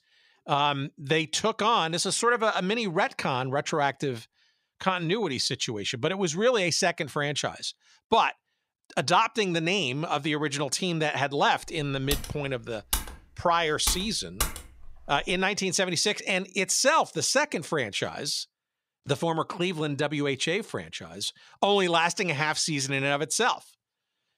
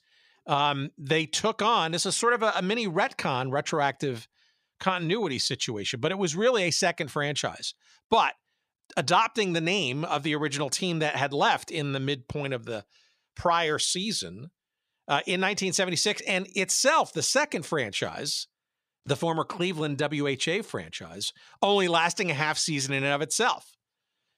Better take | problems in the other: second | keyboard typing; noticeable; from 12 to 15 s; peak 4 dB below the speech

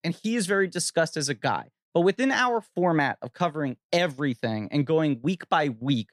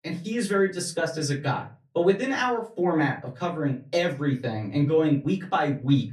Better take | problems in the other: first | off-mic speech; far // room echo; very slight; dies away in 0.3 s

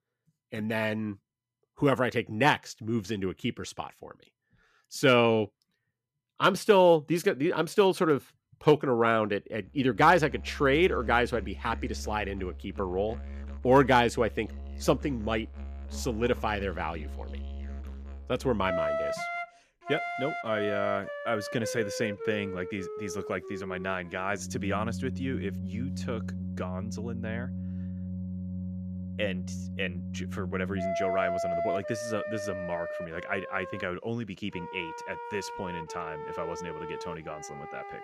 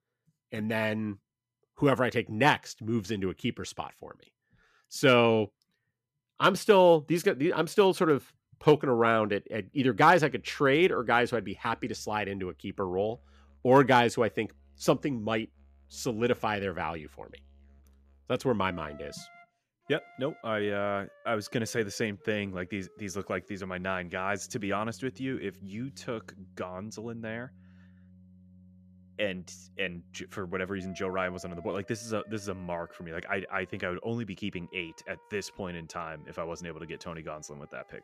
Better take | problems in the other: second | background music; loud; from 10 s on; 8 dB below the speech; faint in the second

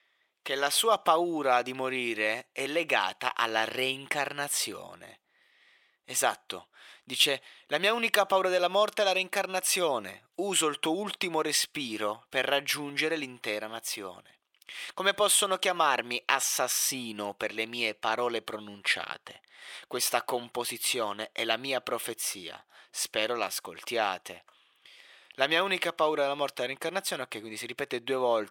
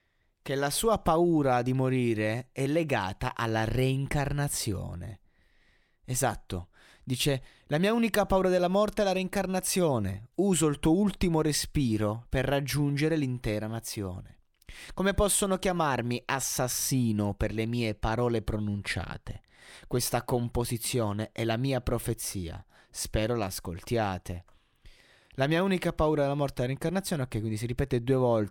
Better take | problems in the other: second | thin; very; fading below 500 Hz

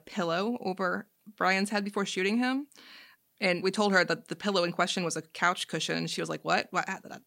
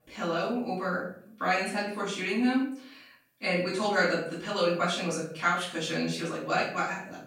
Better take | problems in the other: first | room echo; noticeable; dies away in 0.6 s // off-mic speech; far

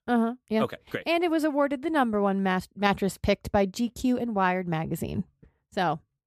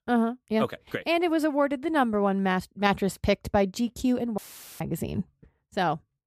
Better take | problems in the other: first | audio cutting out; filled with static; at 4.5 s

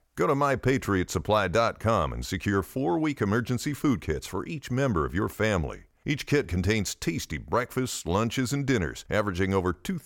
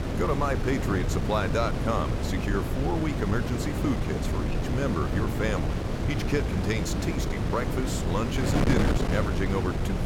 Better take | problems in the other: first | wind noise on the microphone; heavy; 2 dB below the speech

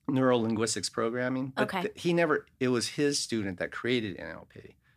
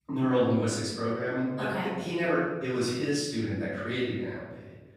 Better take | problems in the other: first | room echo; strong; dies away in 1.1 s // off-mic speech; far

